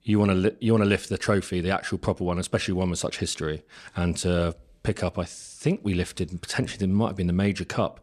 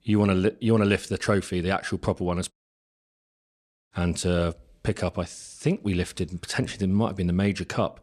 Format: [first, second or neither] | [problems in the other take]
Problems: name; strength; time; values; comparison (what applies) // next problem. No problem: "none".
first | audio cutting out; at 2.5 s for 1.5 s